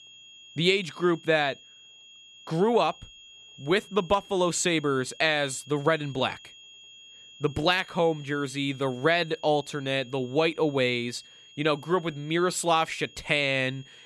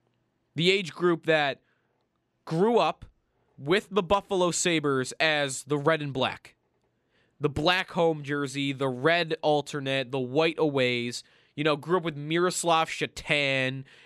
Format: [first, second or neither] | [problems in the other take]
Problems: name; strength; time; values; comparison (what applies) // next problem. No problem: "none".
second | high-pitched whine; faint; throughout; 3.5 kHz, 20 dB below the speech